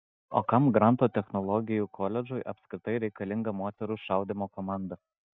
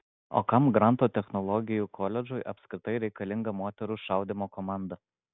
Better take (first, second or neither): second